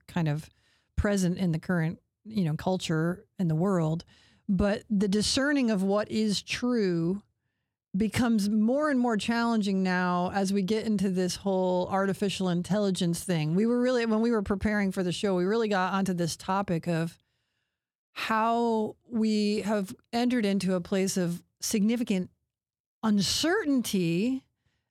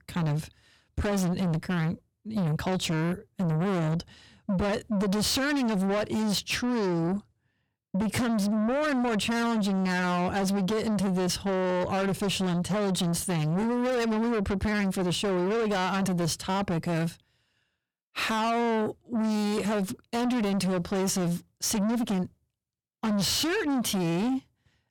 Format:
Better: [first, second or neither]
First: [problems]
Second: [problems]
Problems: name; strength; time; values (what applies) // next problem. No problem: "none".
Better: first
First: none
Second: distortion; heavy; 8 dB below the speech